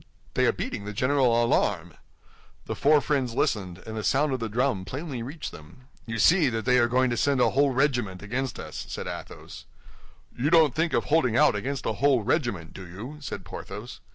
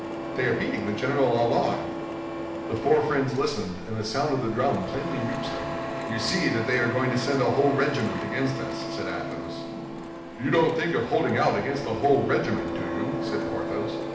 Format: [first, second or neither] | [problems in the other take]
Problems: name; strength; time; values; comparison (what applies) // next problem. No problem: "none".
first | background sound (Printer); 6 dB below the speech // room echo; dies away in 0.8 s